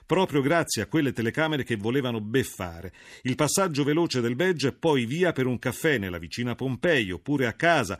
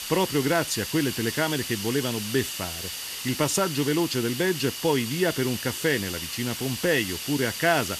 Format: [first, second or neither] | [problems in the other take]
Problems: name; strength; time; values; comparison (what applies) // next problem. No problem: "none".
first | hiss; loud; throughout; 5 dB below the speech